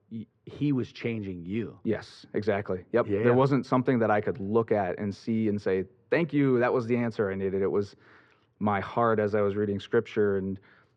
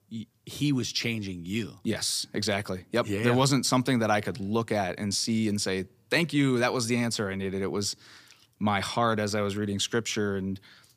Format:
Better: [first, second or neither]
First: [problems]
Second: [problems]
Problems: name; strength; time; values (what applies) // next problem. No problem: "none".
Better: second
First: muffled; very; fading above 1.5 kHz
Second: none